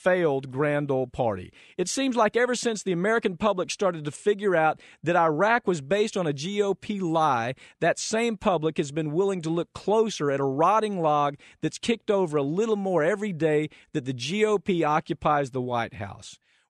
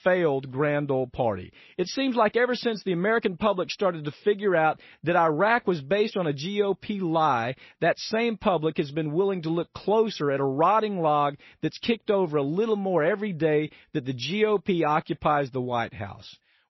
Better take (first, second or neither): first